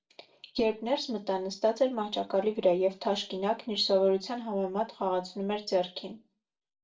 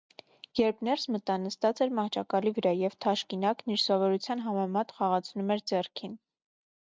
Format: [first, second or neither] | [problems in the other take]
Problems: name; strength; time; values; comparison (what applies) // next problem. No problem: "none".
second | room echo; dies away in 0.2 s